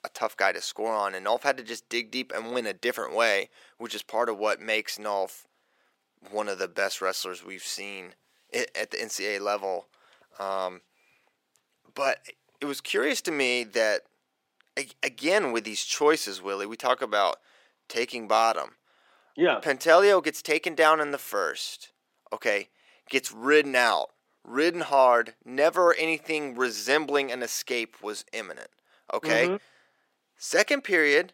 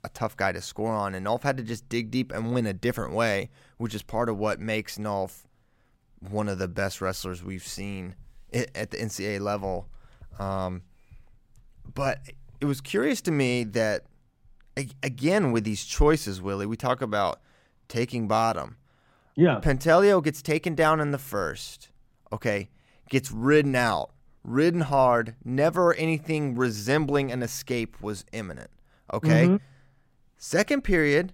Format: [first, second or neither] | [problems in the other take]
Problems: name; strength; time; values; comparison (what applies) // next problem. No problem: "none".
second | thin; somewhat; fading below 350 Hz